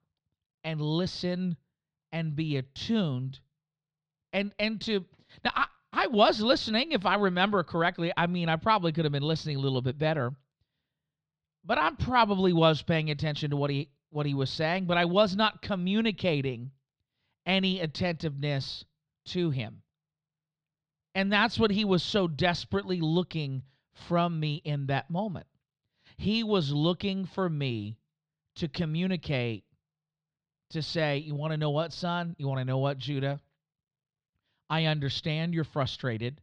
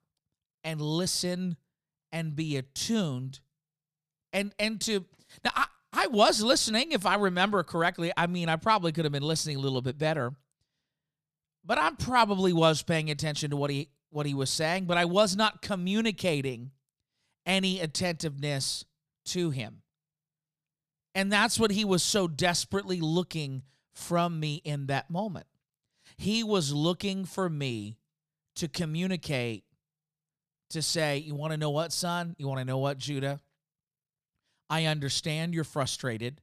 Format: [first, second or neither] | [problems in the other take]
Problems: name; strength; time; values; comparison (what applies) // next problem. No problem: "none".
second | muffled; very slightly; fading above 4 kHz